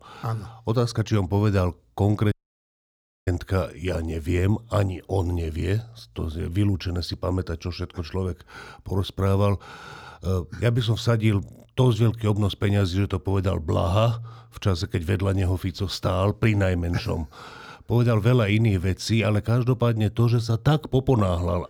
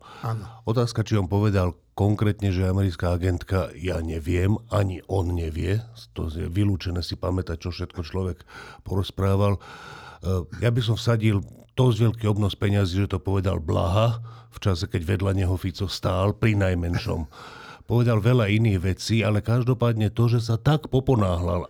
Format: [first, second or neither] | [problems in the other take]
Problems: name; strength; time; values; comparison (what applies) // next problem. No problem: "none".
second | audio cutting out; at 2.5 s for 1 s